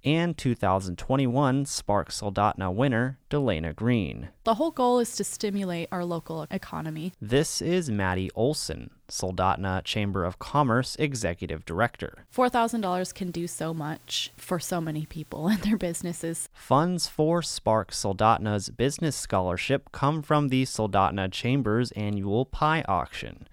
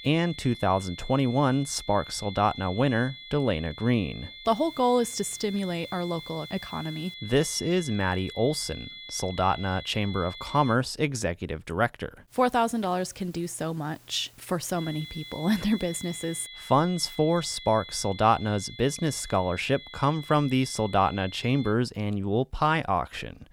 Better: first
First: none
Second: high-pitched whine; noticeable; until 11 s and from 15 to 22 s; 3.5 kHz, 15 dB below the speech

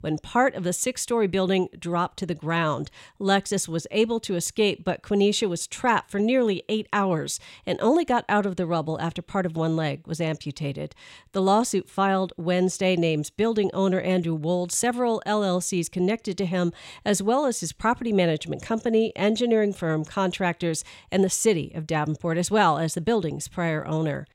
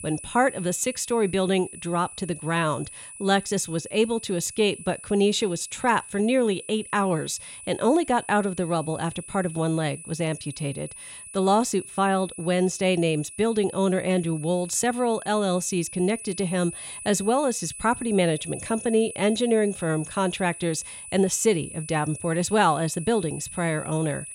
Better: first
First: none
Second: high-pitched whine; noticeable; throughout; 10 kHz, 15 dB below the speech

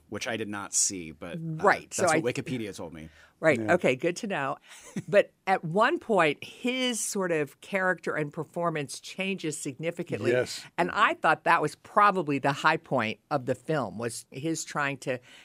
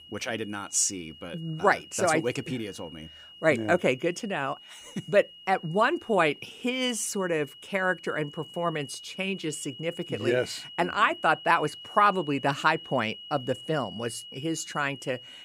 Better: first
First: none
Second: high-pitched whine; noticeable; throughout; 3 kHz, 15 dB below the speech

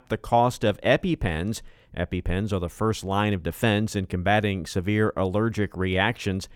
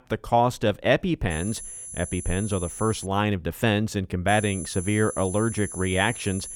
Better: first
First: none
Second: high-pitched whine; noticeable; from 1.5 to 3 s and from 4.5 s on; 10.5 kHz, 10 dB below the speech

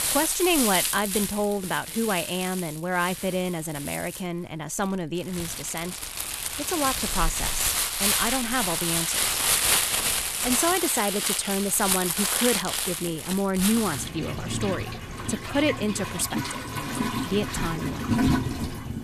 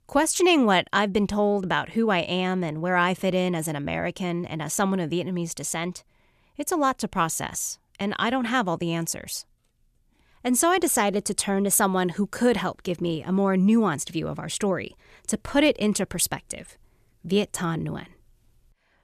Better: second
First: household noises; very loud; throughout; 2 dB above the speech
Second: none

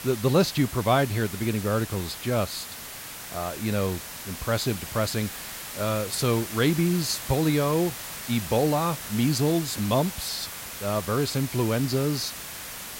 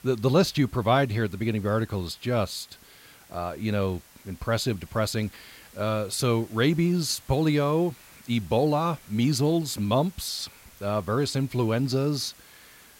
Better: second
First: hiss; loud; throughout; 9 dB below the speech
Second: hiss; faint; throughout; 25 dB below the speech

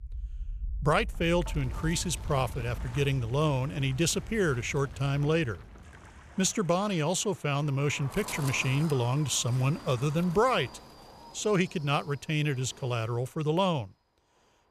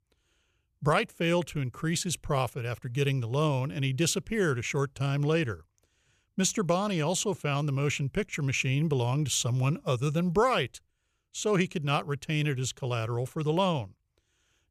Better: second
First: wind noise on the microphone; occasional gusts; 15 dB below the speech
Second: none

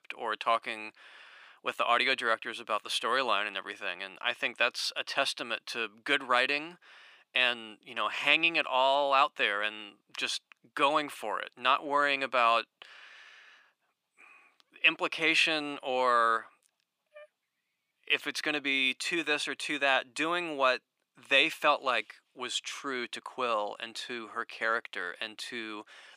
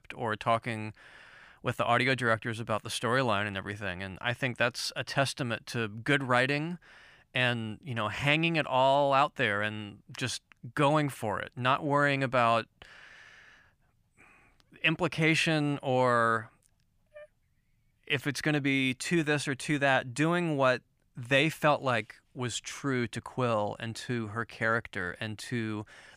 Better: second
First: thin; somewhat; fading below 350 Hz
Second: none

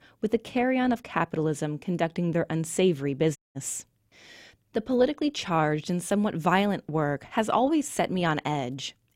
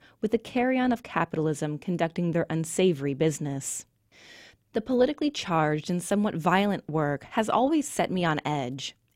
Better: second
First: audio cutting out; at 3.5 s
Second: none

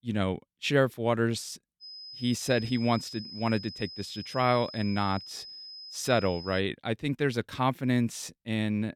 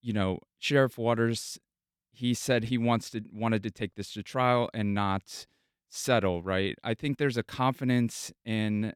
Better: second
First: high-pitched whine; noticeable; from 2 to 6.5 s; 5 kHz, 10 dB below the speech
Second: none

